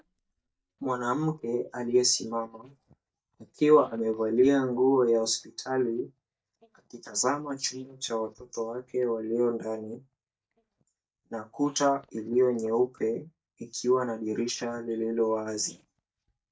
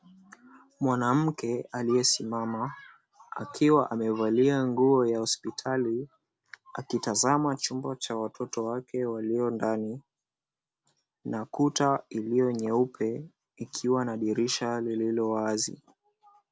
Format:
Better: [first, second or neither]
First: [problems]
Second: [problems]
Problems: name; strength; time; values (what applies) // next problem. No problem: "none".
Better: second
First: noise reduction (neural mask model DeepFilterNet 3)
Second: none